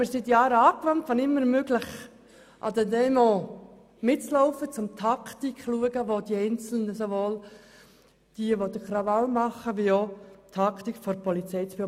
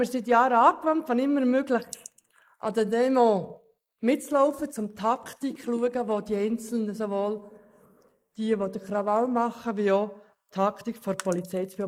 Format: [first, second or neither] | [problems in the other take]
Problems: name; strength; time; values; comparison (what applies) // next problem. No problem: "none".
first | noise reduction (neural mask model Resemble Enhance denoiser)